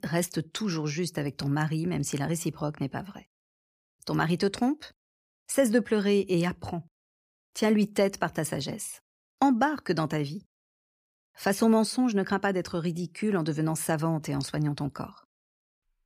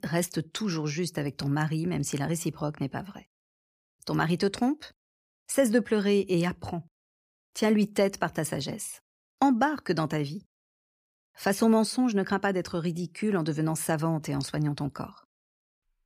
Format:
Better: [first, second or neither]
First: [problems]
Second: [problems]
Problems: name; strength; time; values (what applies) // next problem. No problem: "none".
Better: neither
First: none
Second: none